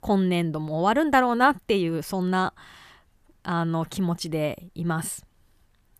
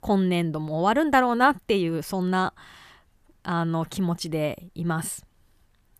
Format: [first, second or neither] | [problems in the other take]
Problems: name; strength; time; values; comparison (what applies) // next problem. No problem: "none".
neither | none